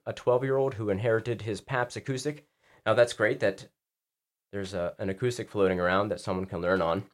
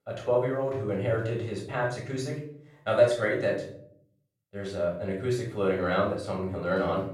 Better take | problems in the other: first | off-mic speech; far // room echo; noticeable; dies away in 0.6 s

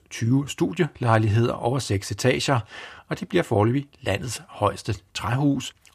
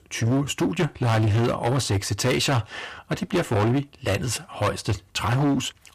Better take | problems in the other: first | distortion; heavy; 18% of the sound clipped

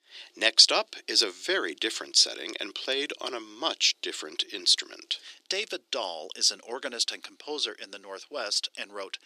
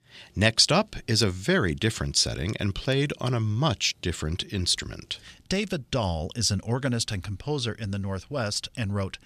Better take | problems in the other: second | thin; very; fading below 300 Hz

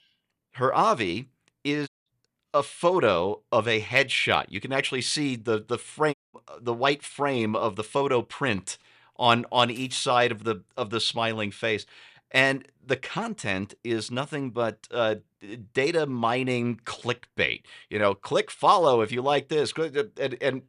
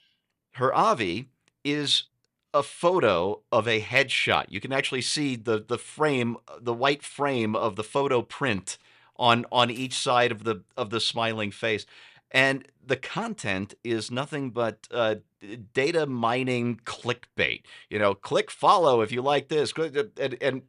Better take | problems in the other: second | audio cutting out; at 2 s and at 6 s

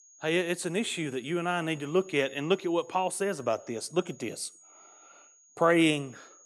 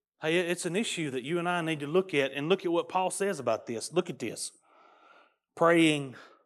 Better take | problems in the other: second | high-pitched whine; faint; throughout; 6.5 kHz, 25 dB below the speech

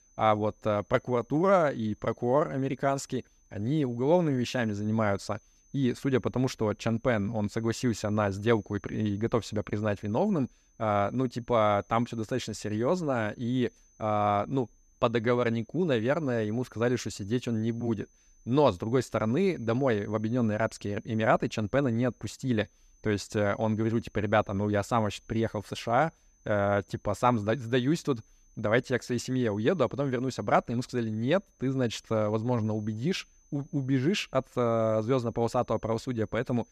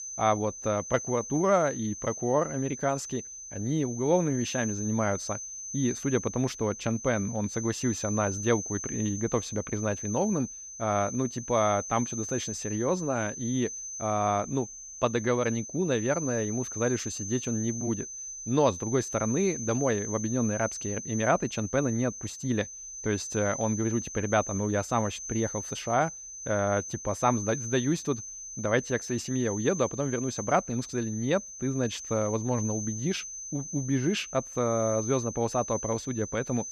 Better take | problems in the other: first | high-pitched whine; loud; throughout; 6 kHz, 7 dB below the speech; faint in the first

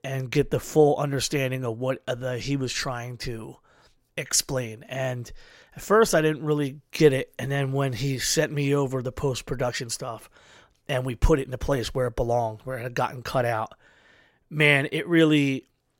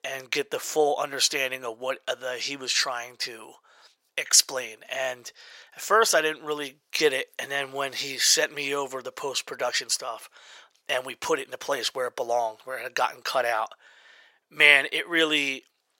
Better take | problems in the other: first | thin; very; fading below 650 Hz

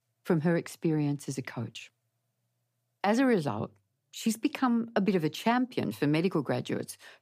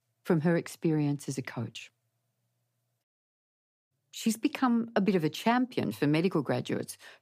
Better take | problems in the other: first | audio cutting out; at 3 s for 1 s

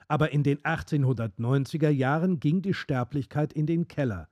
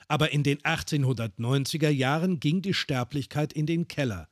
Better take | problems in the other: second | muffled; slightly; fading above 1.5 kHz

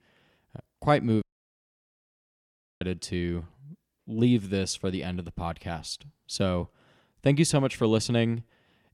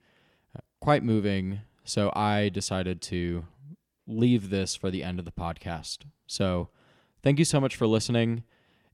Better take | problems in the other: second | audio cutting out; at 1 s for 1.5 s

